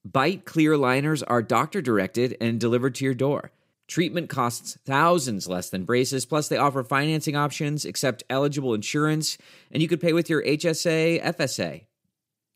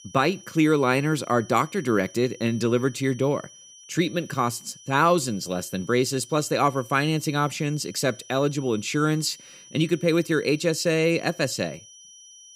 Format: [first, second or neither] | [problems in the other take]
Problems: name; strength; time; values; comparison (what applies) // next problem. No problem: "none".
first | high-pitched whine; faint; throughout; 6 kHz, 20 dB below the speech